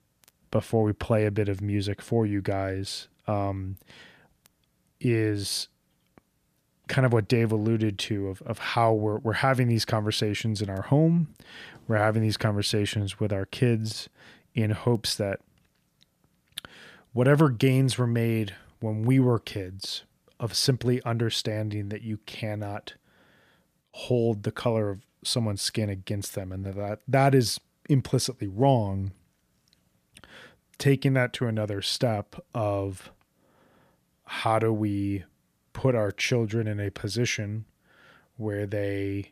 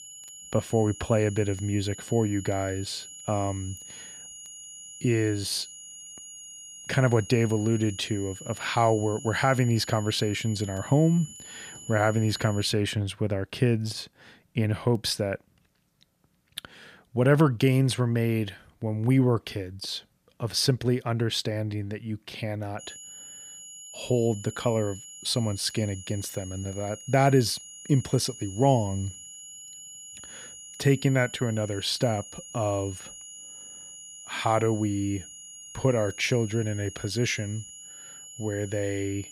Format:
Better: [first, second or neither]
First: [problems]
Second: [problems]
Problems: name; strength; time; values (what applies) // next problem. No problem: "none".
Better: first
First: none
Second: high-pitched whine; noticeable; until 13 s and from 23 s on; 7 kHz, 15 dB below the speech